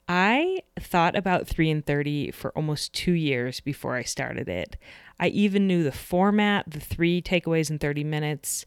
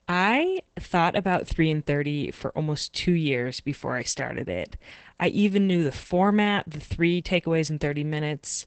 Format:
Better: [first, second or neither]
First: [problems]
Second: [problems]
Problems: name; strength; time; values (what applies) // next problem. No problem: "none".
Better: first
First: none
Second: garbled, watery; badly; nothing above 8 kHz